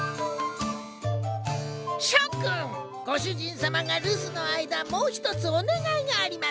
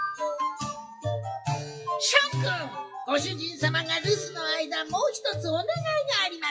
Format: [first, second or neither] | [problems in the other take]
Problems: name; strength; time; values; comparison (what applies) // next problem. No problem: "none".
first | noise reduction (classical method WPE with log-MMSE)